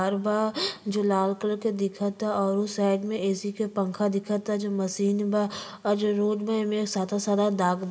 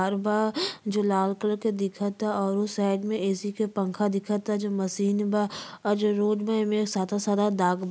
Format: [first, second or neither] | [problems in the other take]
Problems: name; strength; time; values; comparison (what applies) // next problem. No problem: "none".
second | room echo; dies away in 0.9 s